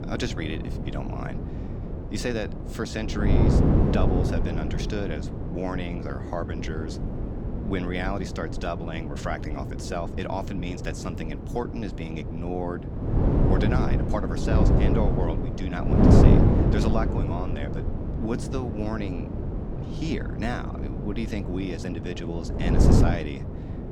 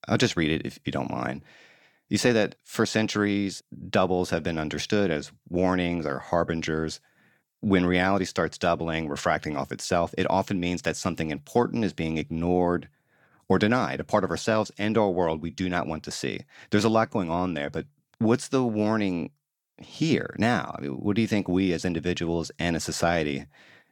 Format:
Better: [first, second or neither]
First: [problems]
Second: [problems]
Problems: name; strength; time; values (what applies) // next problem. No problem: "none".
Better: second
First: wind noise on the microphone; heavy; as loud as the speech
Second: none